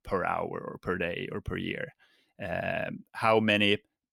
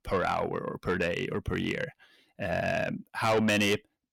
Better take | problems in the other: first | distortion; heavy; 8 dB below the speech

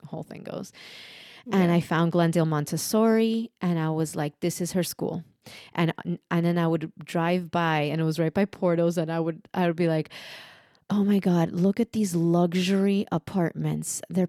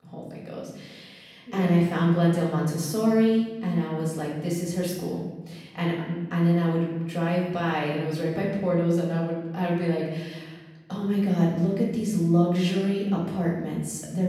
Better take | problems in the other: first | off-mic speech; far // room echo; noticeable; dies away in 1 s

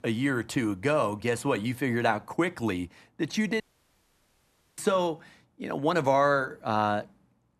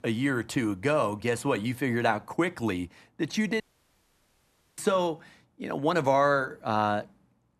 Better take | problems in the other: neither | audio cutting out; at 3.5 s for 1 s; the same in both

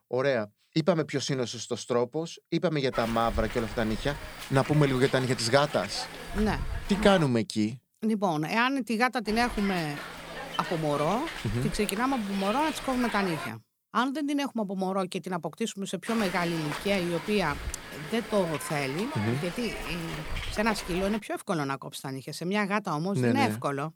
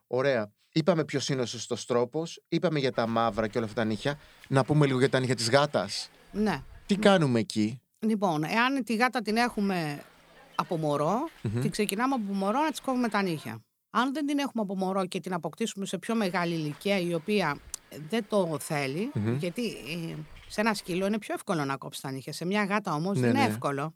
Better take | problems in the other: second | hiss; loud; from 3 to 7.5 s, from 9.5 to 13 s and from 16 to 21 s; 9 dB below the speech; faint in the second

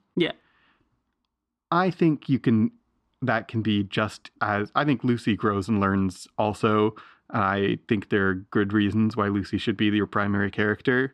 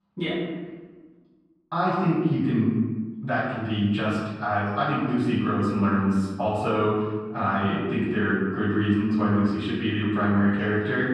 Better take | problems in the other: first | off-mic speech; far // room echo; strong; dies away in 1.2 s

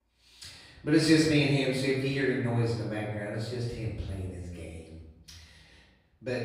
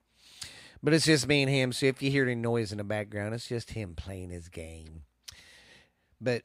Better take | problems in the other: second | off-mic speech; far // room echo; noticeable; dies away in 1.1 s

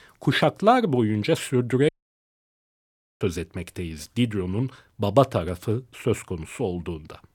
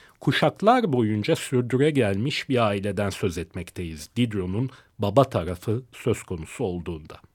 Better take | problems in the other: second | audio cutting out; at 2 s for 1.5 s

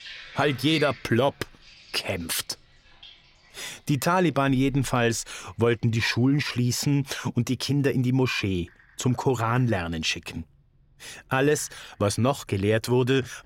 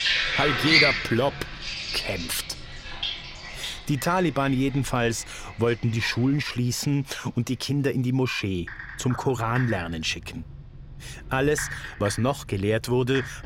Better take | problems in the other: first | household noises; loud; throughout; 2 dB below the speech; faint in the first

